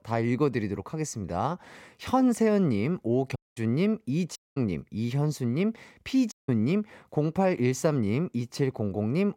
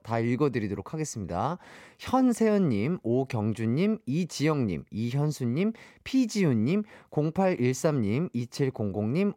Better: second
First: audio cutting out; at 3.5 s, at 4.5 s and at 6.5 s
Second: none

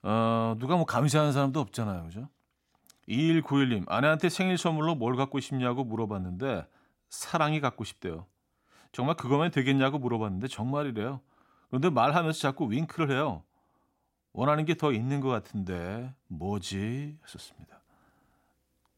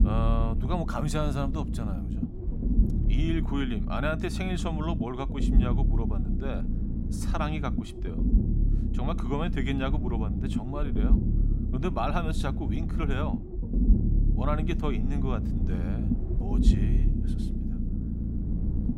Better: first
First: none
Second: low rumble; loud; throughout; 5 dB below the speech

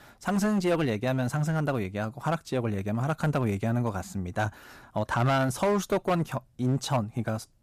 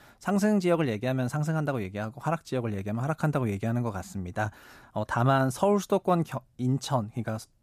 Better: second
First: distortion; slight; 9% of the sound clipped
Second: none

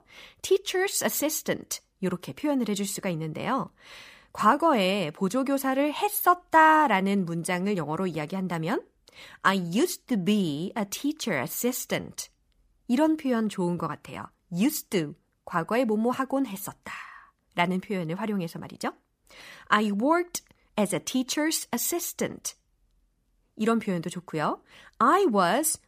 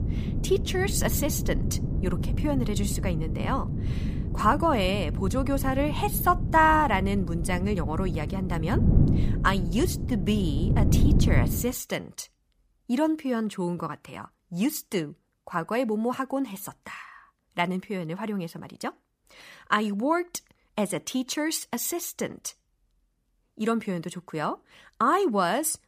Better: first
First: none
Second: wind noise on the microphone; occasional gusts; until 12 s; 10 dB below the speech

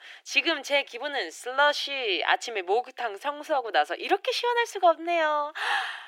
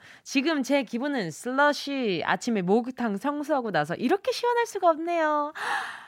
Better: second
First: thin; very; fading below 350 Hz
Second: none

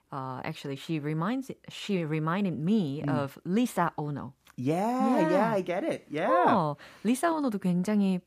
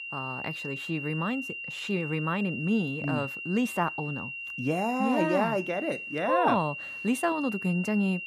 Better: first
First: none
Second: high-pitched whine; loud; throughout; 3 kHz, 6 dB below the speech

